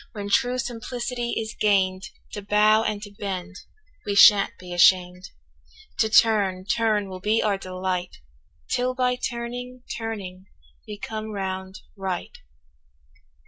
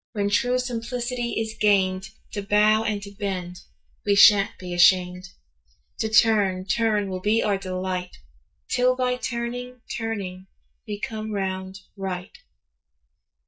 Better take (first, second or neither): first